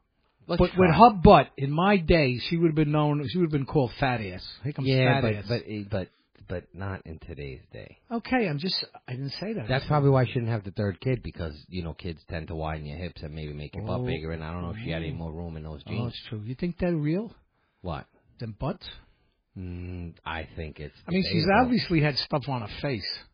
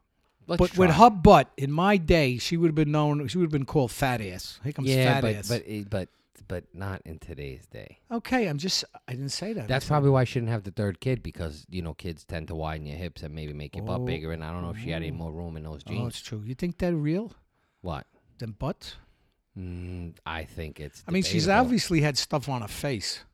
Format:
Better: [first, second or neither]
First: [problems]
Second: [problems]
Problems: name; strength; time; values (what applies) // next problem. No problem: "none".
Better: second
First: garbled, watery; badly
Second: none